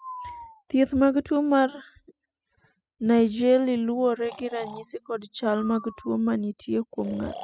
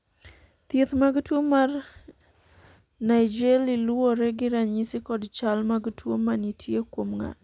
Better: second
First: noise reduction (classical method spectral subtraction)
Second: none

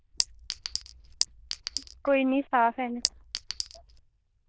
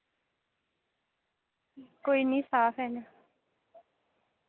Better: second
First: noise reduction (neural diffusion model UNIVERSE++)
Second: none

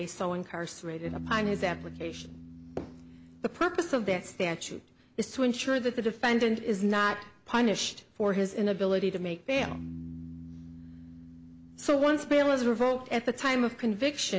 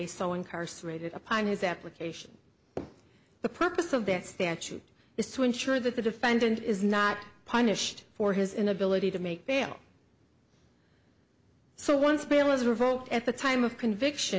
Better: second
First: background sound (Piano); 17 dB below the speech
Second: none

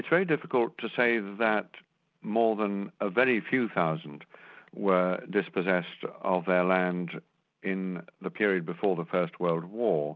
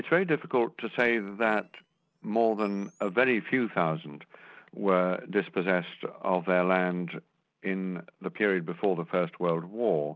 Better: first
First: none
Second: noise reduction (neural separator model SepFormer DNS4)

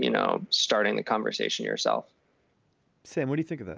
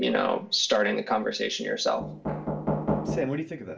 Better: first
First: none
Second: background sound (Knock); 1 dB below the speech // room echo; dies away in 0.3 s

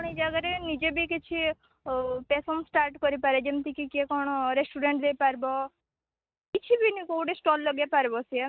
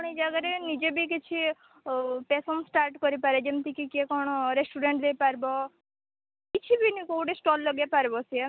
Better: second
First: noise reduction (neural mask model RNNoise)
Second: none

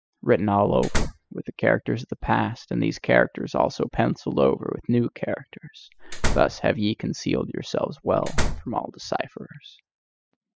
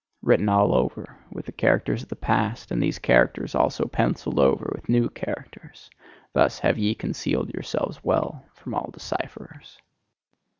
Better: second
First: noise reduction (classical method spectral subtraction)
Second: none

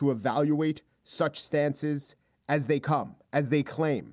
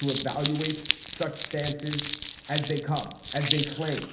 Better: first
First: none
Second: background sound (Crumpling, crinkling); 3 dB below the speech // room echo; dies away in 1 s

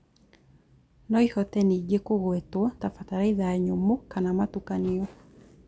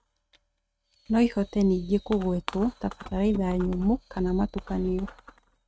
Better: first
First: none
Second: noise reduction (neural mask model RNNoise)

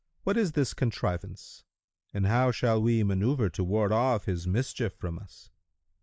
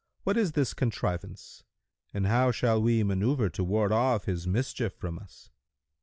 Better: second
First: noise reduction (neural mask model Resemble Enhance denoiser)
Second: none

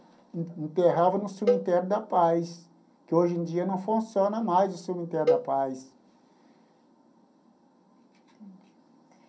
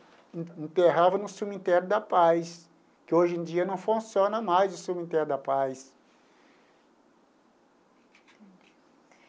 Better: second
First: background sound (Cowbell); 4 dB below the speech // room echo; dies away in 0.3 s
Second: none

